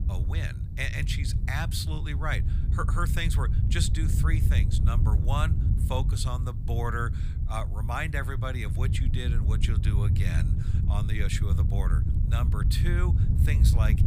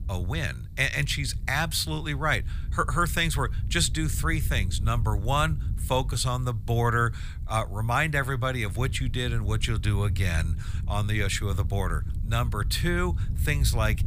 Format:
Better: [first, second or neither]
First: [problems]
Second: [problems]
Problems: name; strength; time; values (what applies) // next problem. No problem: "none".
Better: second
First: wind noise on the microphone; heavy; 7 dB below the speech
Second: wind noise on the microphone; occasional gusts; 20 dB below the speech